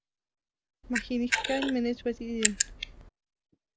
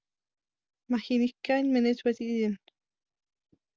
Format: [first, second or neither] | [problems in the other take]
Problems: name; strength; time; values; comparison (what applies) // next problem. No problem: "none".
second | background sound (Camera); 1 dB above the speech